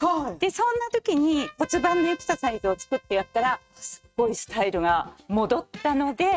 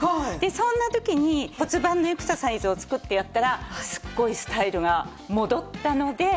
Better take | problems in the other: second | noise reduction (neural mask model RNNoise)

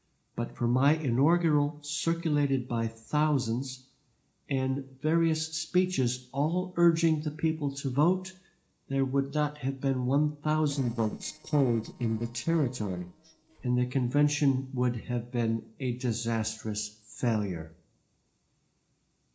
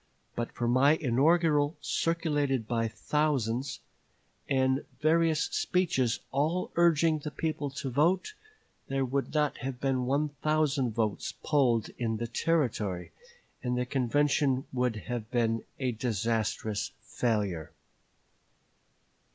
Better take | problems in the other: second | noise reduction (neural separator model SepFormer DNS4)

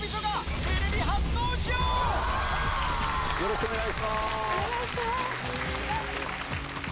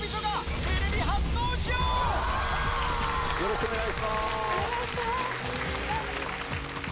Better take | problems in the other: first | background sound (Wind instrument, woodwind instrument); 16 dB below the speech

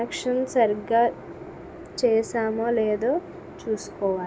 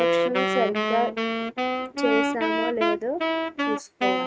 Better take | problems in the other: first | noise reduction (neural mask model RNNoise)

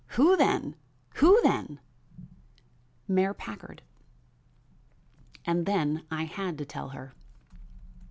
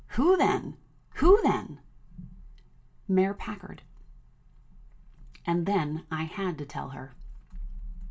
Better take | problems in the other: first | room echo; dies away in 0.2 s

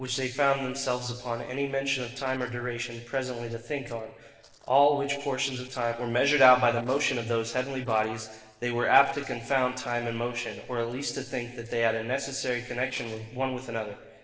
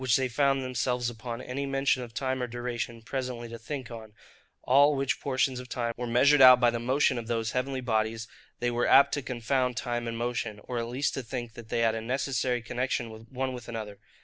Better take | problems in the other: second | noise reduction (neural separator model SepFormer DNS4)

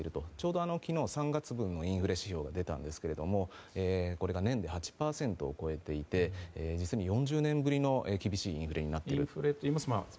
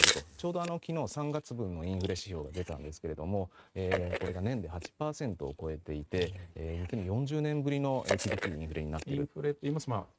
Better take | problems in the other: first | noise reduction (neural mask model RNNoise)

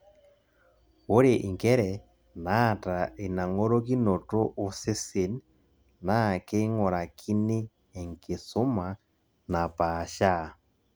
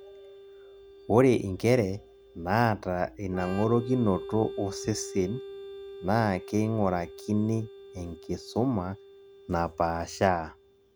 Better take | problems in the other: first | background sound (Organ); 16 dB below the speech

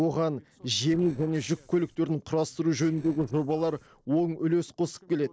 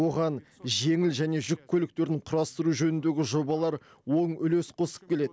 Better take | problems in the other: second | noise reduction (neural separator model SepFormer DNS4)

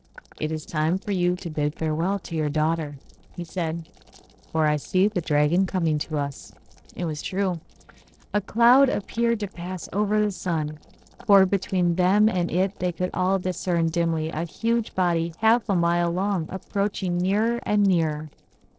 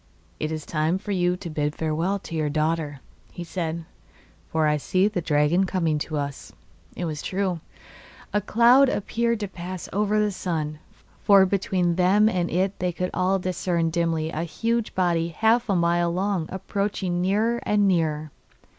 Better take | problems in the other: second | noise reduction (neural separator model SepFormer DNS4)

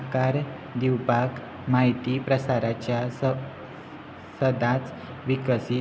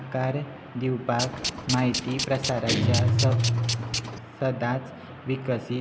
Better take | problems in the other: first | background sound (Tools + Guitar); as loud as the speech

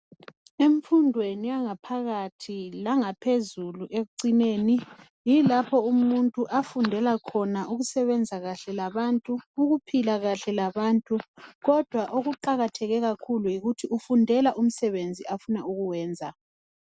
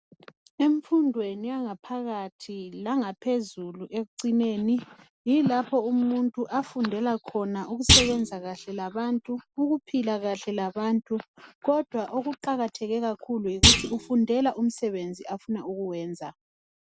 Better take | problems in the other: first | background sound (Thump, thud); 2 dB above the speech

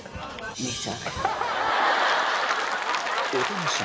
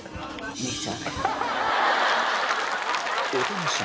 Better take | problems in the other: first | background sound (Marimba, xylophone); 19 dB below the speech

